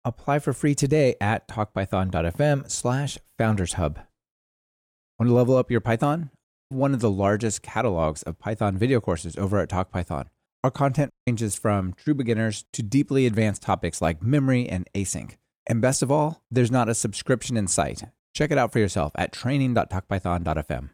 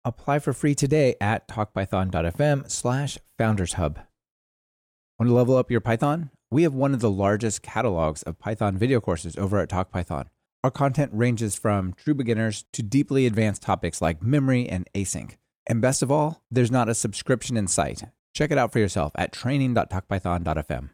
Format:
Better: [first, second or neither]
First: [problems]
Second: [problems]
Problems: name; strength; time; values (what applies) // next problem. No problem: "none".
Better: second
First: audio cutting out; at 6.5 s and at 11 s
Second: none